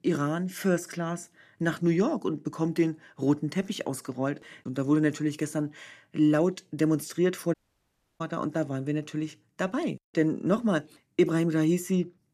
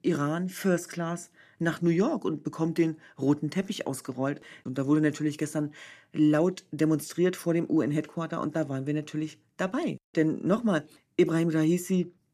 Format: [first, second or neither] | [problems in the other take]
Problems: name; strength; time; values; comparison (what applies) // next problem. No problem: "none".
second | audio cutting out; at 7.5 s for 0.5 s